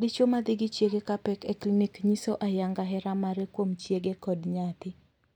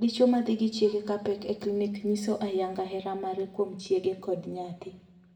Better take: first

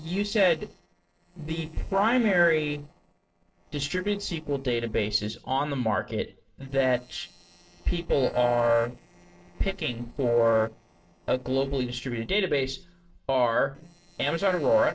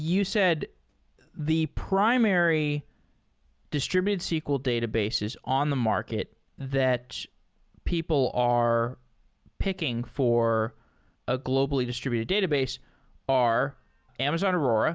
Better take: second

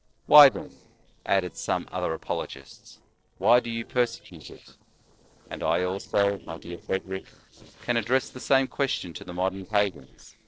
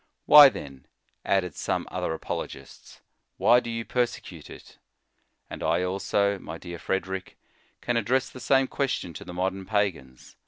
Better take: second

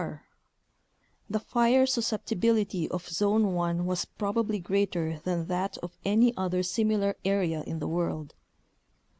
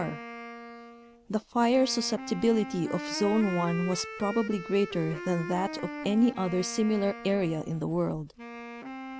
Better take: first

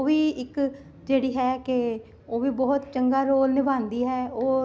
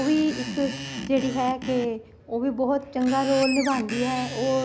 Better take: first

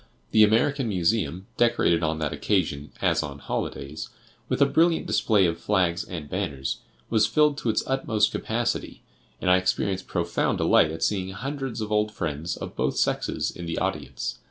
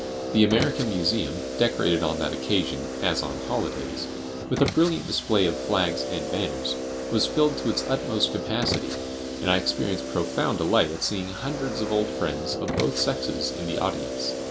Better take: first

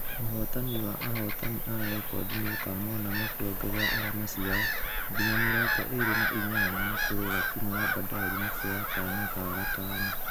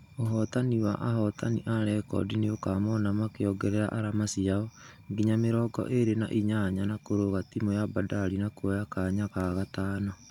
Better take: second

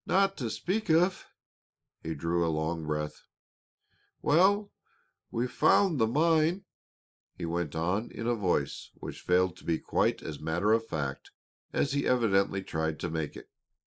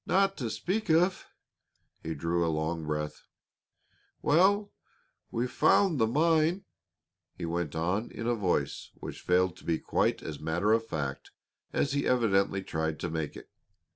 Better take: second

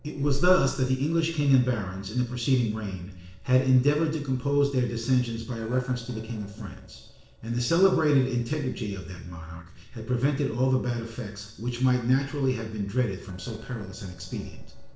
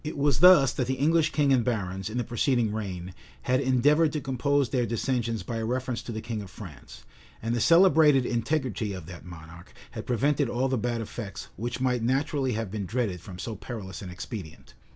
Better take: second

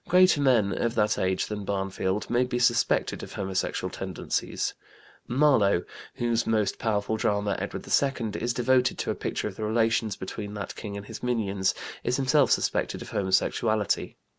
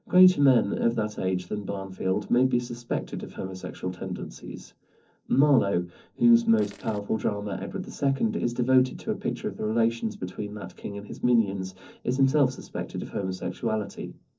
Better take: first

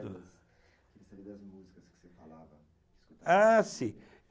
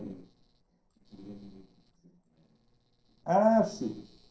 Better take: first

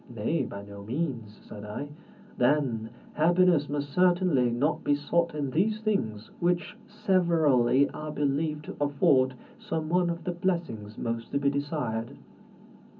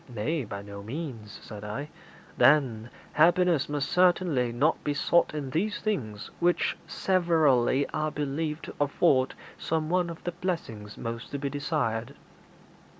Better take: second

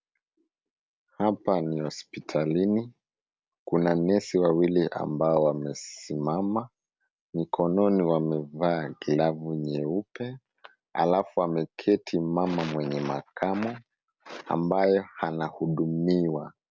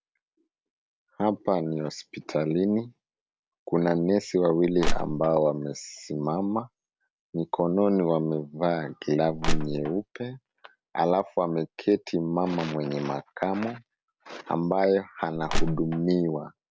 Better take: first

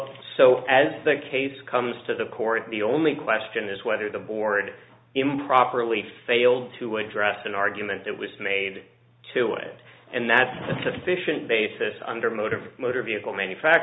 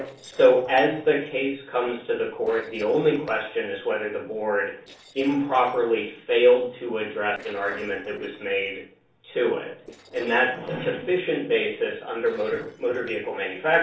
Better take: first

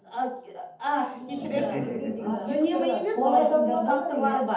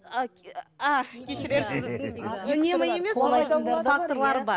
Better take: second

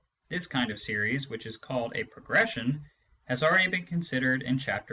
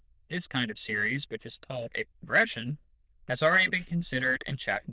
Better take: first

